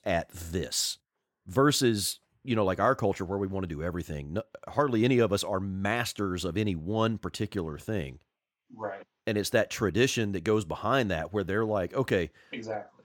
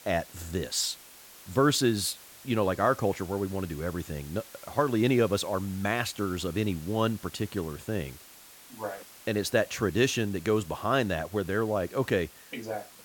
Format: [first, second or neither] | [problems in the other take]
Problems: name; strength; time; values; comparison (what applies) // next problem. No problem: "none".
first | hiss; noticeable; throughout; 20 dB below the speech